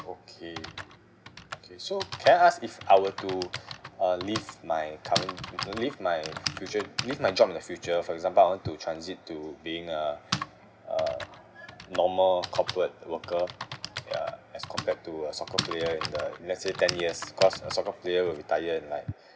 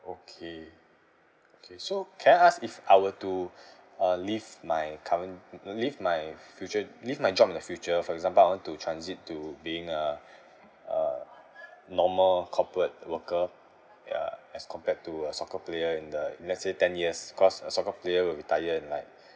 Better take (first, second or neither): second